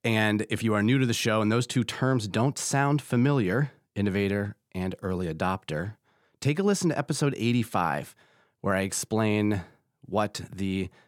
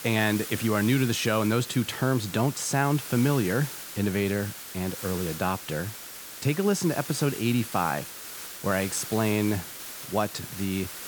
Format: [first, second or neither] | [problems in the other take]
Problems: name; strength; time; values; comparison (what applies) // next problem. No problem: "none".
first | hiss; loud; throughout; 9 dB below the speech